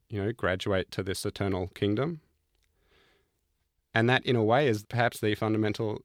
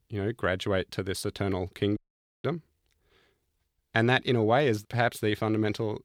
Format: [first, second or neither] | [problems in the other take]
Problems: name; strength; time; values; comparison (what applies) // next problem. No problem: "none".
first | audio freezing; at 2 s